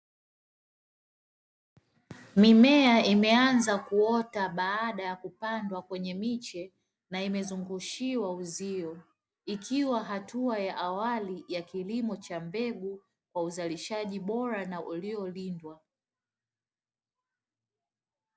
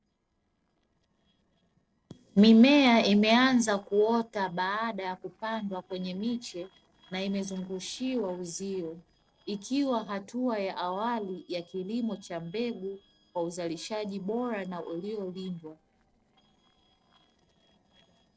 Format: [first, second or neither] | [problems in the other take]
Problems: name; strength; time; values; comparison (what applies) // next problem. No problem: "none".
first | noise reduction (neural separator model SepFormer DNS4)